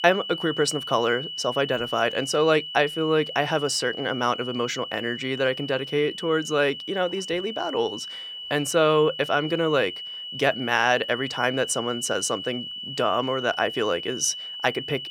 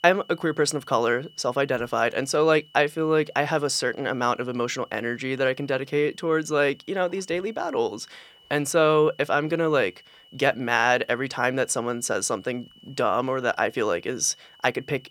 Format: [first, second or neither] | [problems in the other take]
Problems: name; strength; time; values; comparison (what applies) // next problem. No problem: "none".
second | high-pitched whine; loud; throughout; 3 kHz, 8 dB below the speech; faint in the second